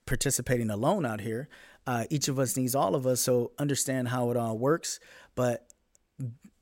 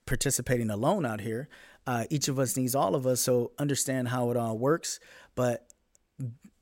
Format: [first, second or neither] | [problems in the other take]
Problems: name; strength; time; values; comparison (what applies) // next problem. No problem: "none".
neither | none